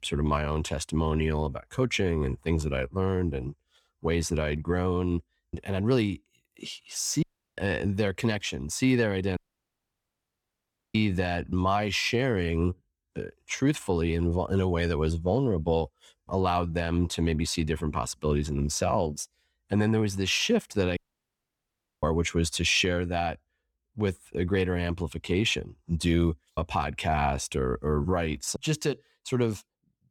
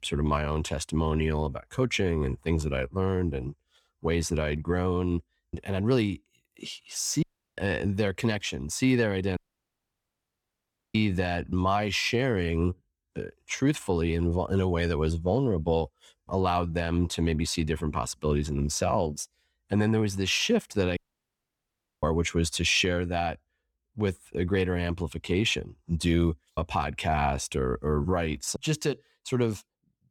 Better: neither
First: audio cutting out; at 7 s, at 9.5 s for 1.5 s and at 21 s for 1 s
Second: audio cutting out; at 7 s, at 9.5 s for 1.5 s and at 21 s for 1 s

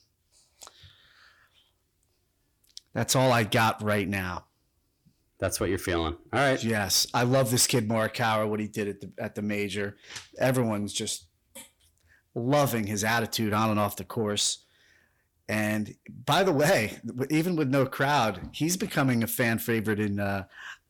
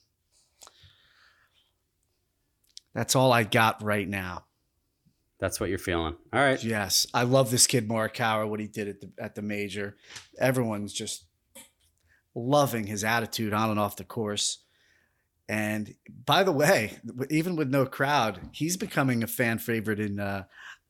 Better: second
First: distortion; slight; 10 dB below the speech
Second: none

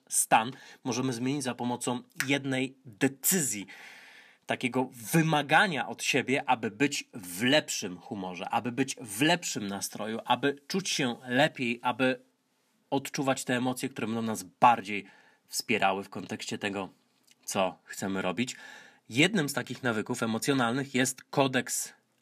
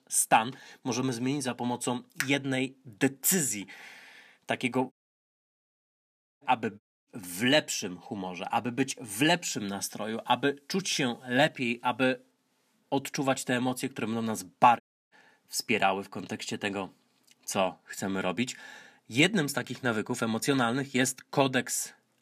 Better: first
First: none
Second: audio cutting out; at 5 s for 1.5 s, at 7 s and at 15 s

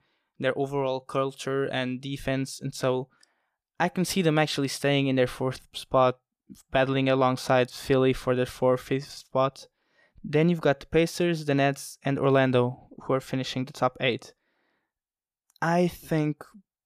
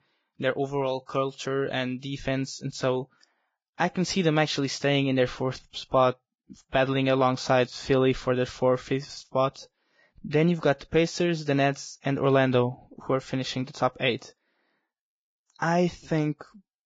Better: first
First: none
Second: garbled, watery; badly; nothing above 7.5 kHz

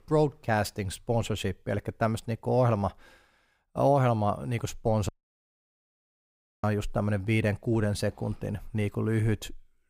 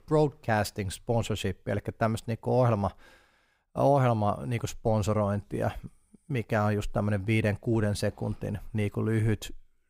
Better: second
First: audio cutting out; at 5 s for 1.5 s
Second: none

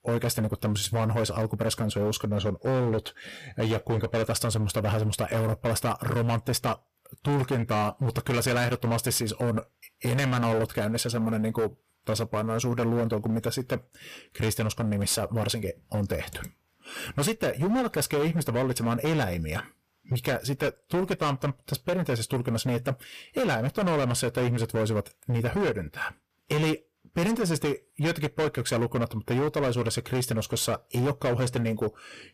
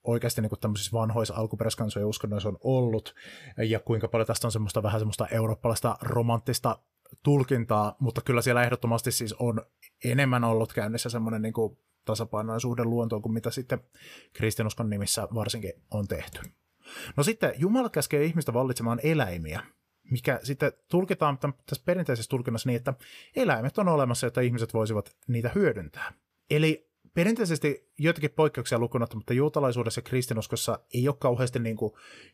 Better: second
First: distortion; heavy; 18% of the sound clipped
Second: none

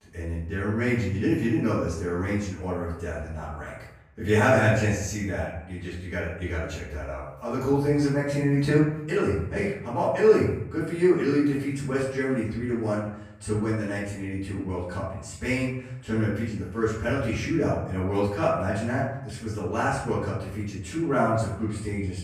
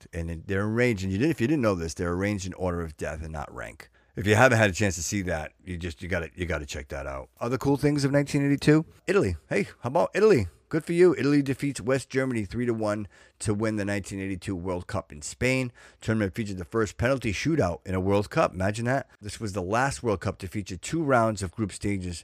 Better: second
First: off-mic speech; far // room echo; noticeable; dies away in 0.8 s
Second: none

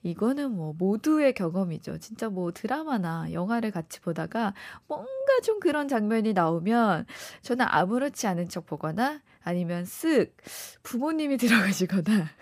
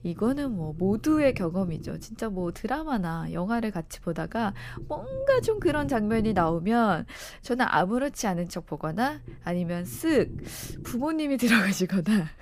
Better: first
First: none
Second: low rumble; faint; throughout; 20 dB below the speech

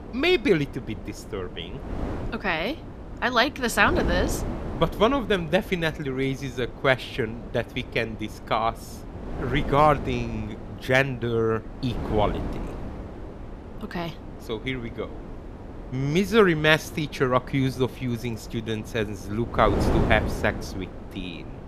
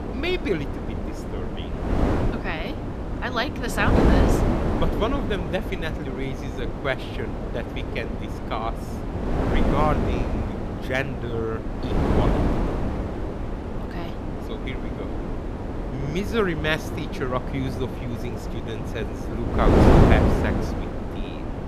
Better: first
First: wind noise on the microphone; occasional gusts; 15 dB below the speech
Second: wind noise on the microphone; heavy; 1 dB below the speech

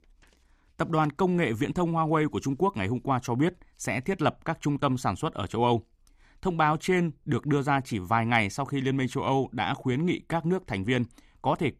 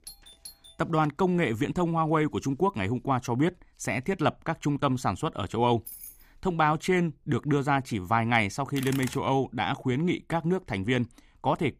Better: first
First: none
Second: doorbell; faint; at the start; peak 20 dB below the speech // jangling keys; faint; at 5.5 s; peak 15 dB below the speech // keyboard typing; noticeable; at 9 s; peak 10 dB below the speech

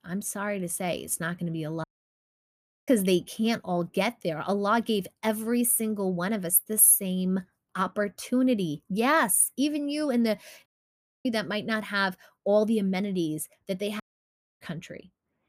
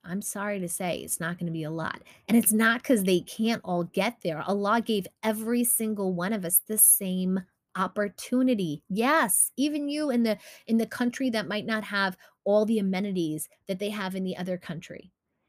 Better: second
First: audio cutting out; at 2 s for 1 s, at 11 s for 0.5 s and at 14 s for 0.5 s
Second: none

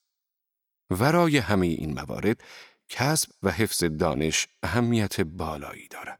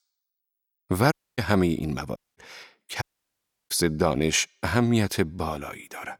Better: first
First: none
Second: audio cutting out; at 1 s, at 2 s and at 3 s for 0.5 s

